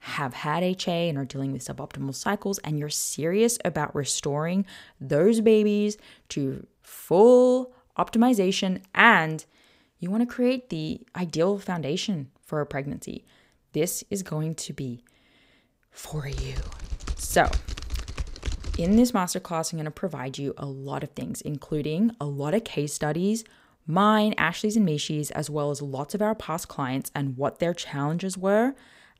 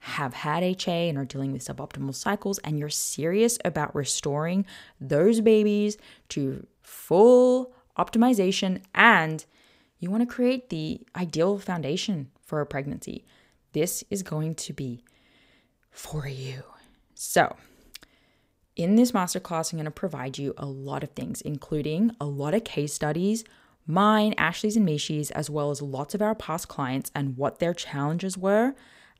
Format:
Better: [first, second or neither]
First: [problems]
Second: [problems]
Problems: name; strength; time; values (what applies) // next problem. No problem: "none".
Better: second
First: keyboard typing; noticeable; from 16 to 19 s; peak 7 dB below the speech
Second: none